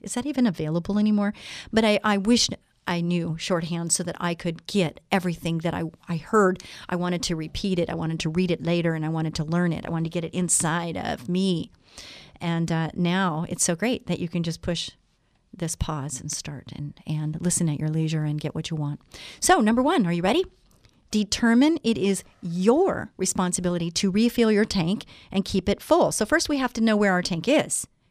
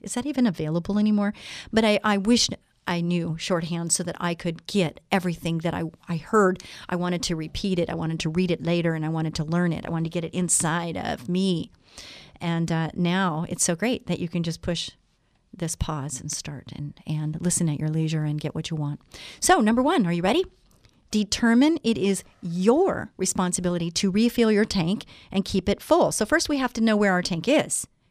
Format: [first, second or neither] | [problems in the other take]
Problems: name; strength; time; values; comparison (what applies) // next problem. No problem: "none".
neither | none